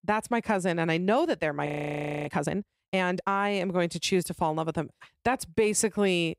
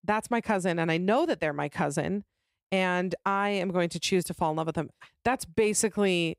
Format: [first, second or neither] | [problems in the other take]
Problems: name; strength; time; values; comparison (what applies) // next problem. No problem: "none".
second | audio freezing; at 1.5 s for 0.5 s